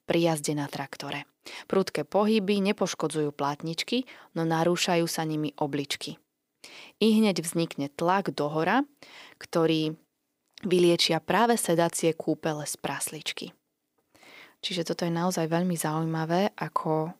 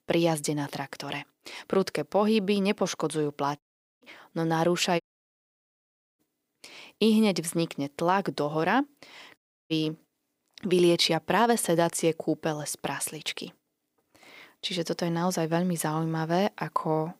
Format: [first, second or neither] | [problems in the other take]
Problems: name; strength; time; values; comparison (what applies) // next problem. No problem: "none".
first | audio cutting out; at 3.5 s, at 5 s for 1 s and at 9.5 s